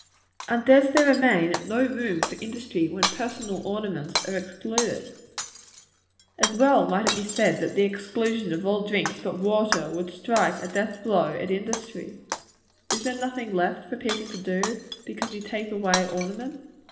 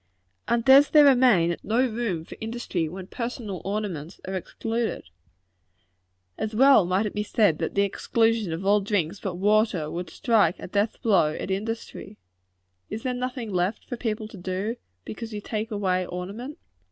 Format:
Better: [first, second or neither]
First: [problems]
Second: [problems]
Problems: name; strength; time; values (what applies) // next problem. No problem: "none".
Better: second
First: background sound (Shatter); 8 dB below the speech // room echo; dies away in 1.1 s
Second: none